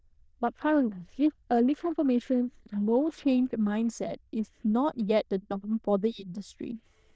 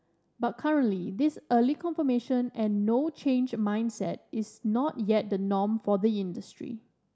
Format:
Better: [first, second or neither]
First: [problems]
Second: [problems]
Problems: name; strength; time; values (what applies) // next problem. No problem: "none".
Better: second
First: noise reduction (neural diffusion model UNIVERSE++)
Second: none